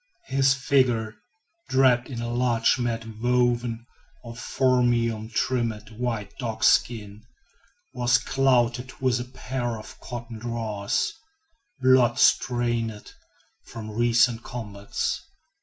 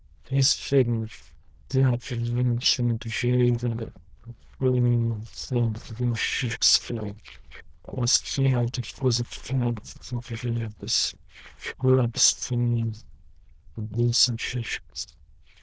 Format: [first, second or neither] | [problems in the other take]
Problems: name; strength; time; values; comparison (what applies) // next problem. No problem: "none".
first | noise reduction (neural diffusion model UNIVERSE++)